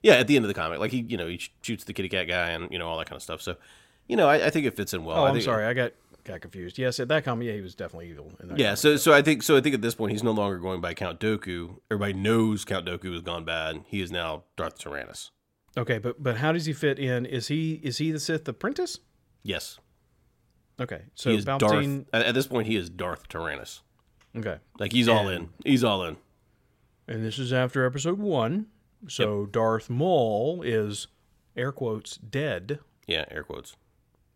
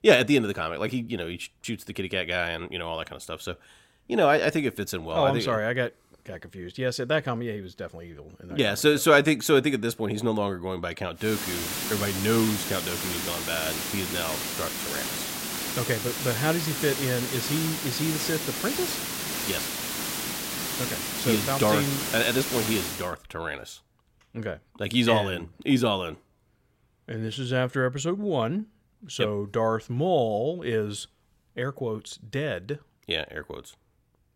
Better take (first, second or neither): first